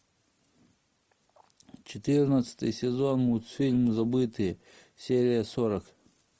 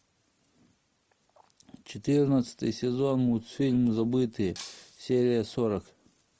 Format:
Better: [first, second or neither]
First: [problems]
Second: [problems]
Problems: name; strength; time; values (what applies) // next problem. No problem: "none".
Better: first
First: none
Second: background sound (Shatter); 19 dB below the speech